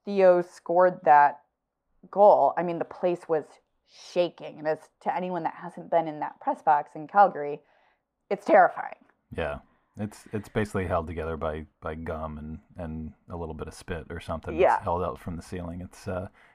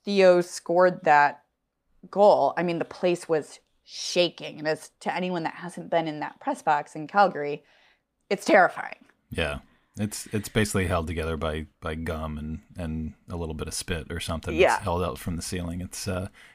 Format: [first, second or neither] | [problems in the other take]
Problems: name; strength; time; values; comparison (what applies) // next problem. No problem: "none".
second | muffled; very; fading above 2.5 kHz